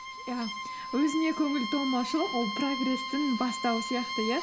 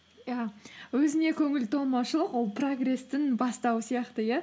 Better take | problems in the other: second | background sound (Bowed string instrument); 6 dB below the speech

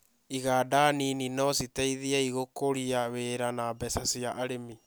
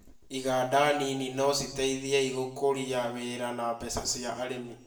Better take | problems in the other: first | room echo; dies away in 0.7 s

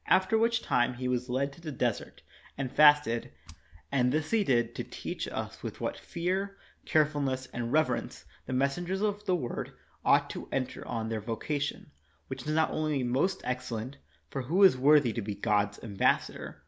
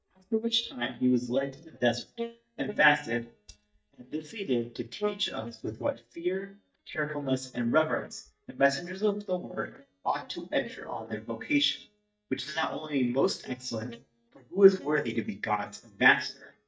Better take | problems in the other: first | noise reduction (neural mask model DeepFilterNet 3)

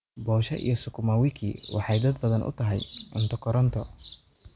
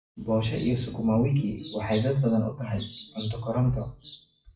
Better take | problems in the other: first | noise reduction (classical method WPE with log-MMSE)

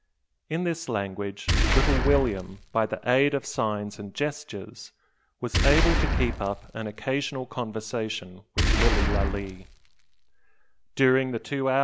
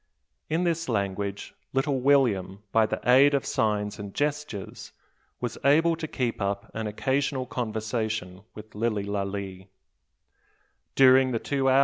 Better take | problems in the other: second | background sound (Boom); 1 dB above the speech

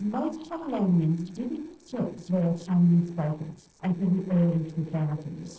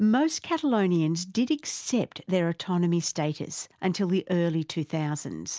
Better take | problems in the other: second | noise reduction (neural separator model SepFormer DNS4)

